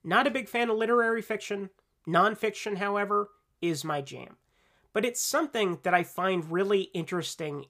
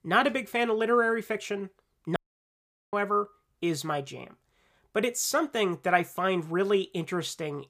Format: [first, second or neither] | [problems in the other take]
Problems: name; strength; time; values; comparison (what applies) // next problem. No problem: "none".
first | audio cutting out; at 2 s for 1 s